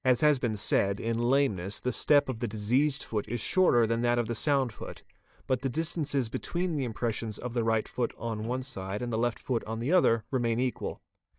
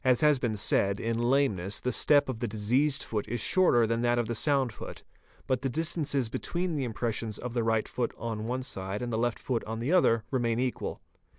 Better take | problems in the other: second | noise reduction (neural mask model DeepFilterNet 3)

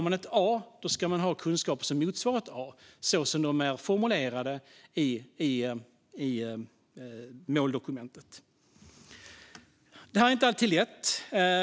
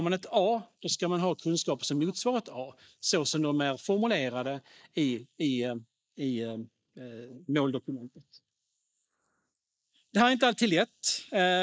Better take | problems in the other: first | noise reduction (neural mask model Resemble Enhance denoiser)

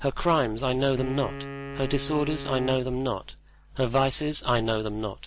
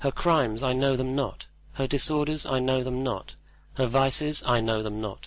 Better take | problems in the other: second | background sound (Wind instrument, woodwind instrument); 12 dB below the speech

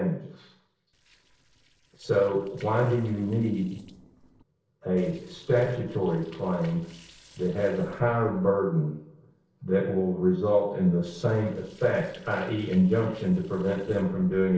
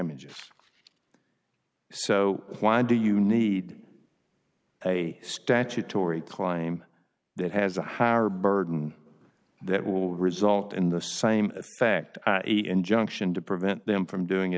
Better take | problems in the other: second | noise reduction (neural separator model SepFormer DNS4)

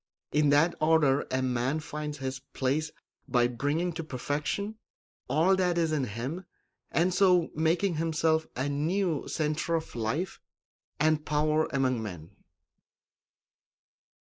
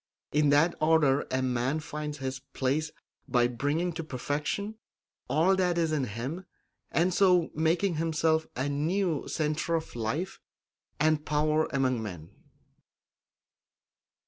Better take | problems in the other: second | noise reduction (neural mask model Resemble Enhance denoiser)

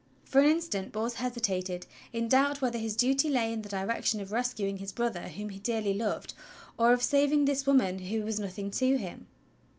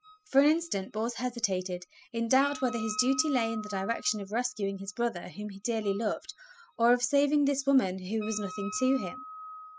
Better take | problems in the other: first | noise reduction (classical method spectral subtraction)

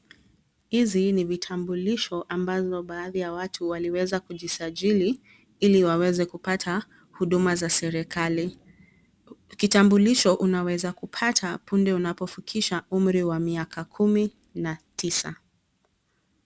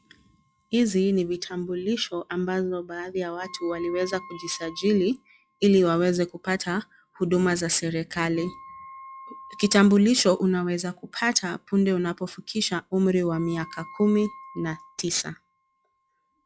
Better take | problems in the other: first | noise reduction (classical method log-MMSE)

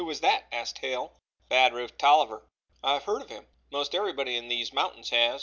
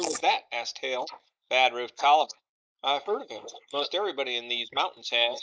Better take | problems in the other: first | noise reduction (neural mask model Resemble Enhance denoiser)

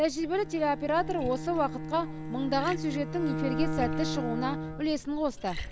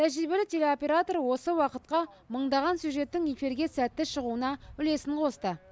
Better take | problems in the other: second | background sound (Bowed string instrument + Liquid); 5 dB below the speech

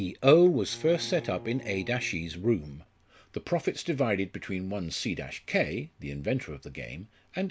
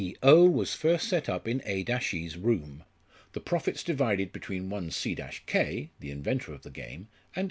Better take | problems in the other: second | background sound (Bowed string instrument); 19 dB below the speech

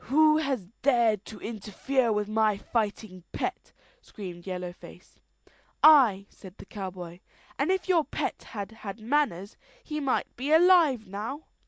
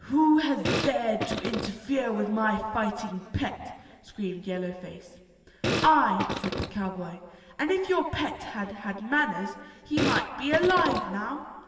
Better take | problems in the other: first | background sound (Fart); 3 dB below the speech // room echo; dies away in 2.2 s

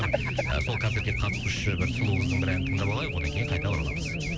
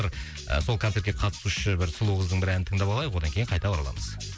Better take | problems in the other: second | background sound (Race car, auto racing / Alarm); as loud as the speech

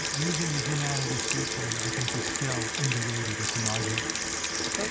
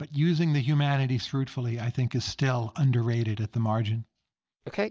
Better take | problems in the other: second | background sound (Sink (filling or washing) / Water tap, faucet); 3 dB above the speech

